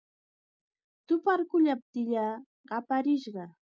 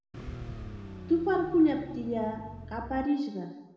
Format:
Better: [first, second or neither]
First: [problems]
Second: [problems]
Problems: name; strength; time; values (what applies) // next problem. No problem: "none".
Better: first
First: none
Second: background sound (Car); 12 dB below the speech // room echo; dies away in 1 s